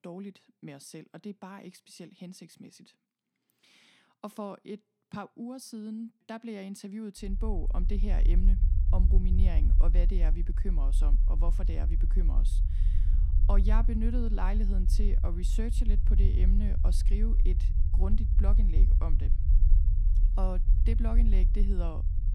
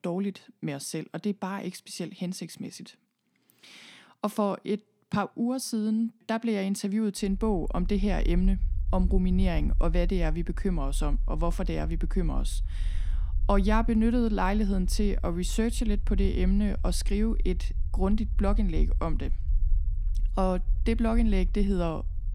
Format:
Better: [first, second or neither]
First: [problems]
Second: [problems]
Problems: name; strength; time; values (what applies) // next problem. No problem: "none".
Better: second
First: low rumble; loud; from 7.5 s on; 7 dB below the speech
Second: low rumble; faint; from 7.5 s on; 20 dB below the speech